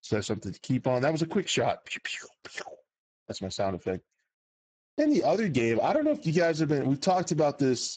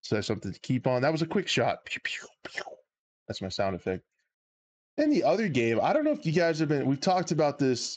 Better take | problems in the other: second | garbled, watery; badly; nothing above 7.5 kHz; slightly in the second

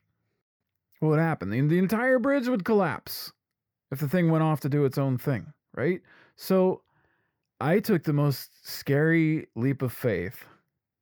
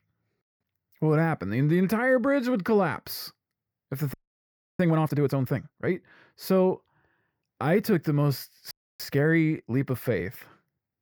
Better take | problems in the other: first | audio freezing; at 4 s for 0.5 s and at 8.5 s

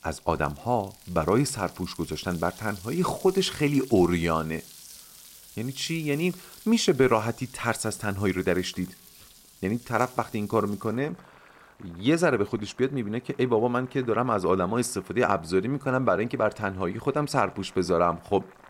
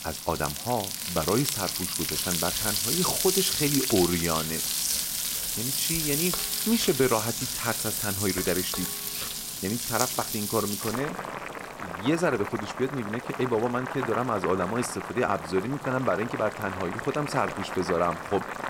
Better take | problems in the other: first | household noises; loud; throughout; as loud as the speech; faint in the first

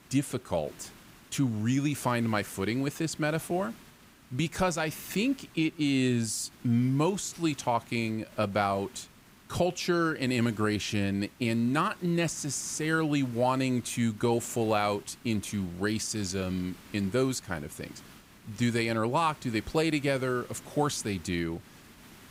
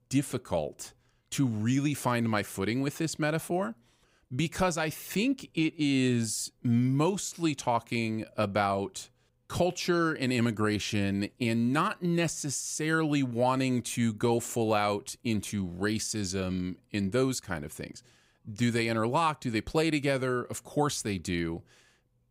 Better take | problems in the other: second | hiss; faint; throughout; 20 dB below the speech

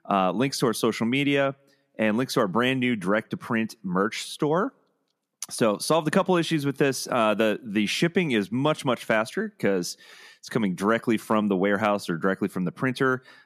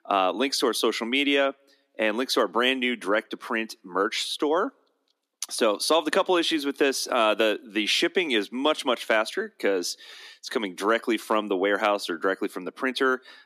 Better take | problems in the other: first | thin; very slightly; fading below 250 Hz

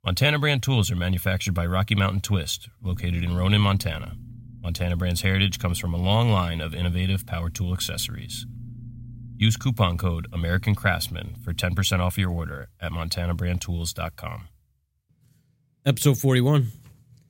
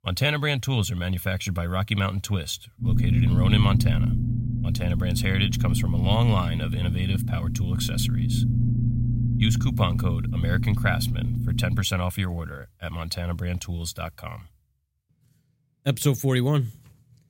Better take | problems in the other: first | low rumble; loud; from 3 to 12 s; 6 dB below the speech; faint in the first

